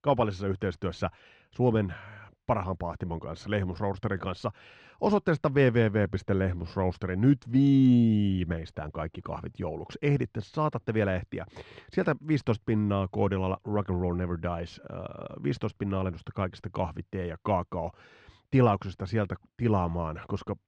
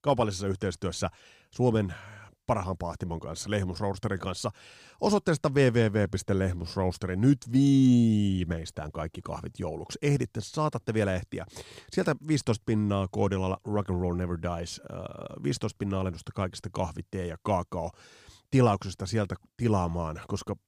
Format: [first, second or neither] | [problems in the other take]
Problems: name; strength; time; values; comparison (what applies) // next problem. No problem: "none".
second | muffled; slightly; fading above 2.5 kHz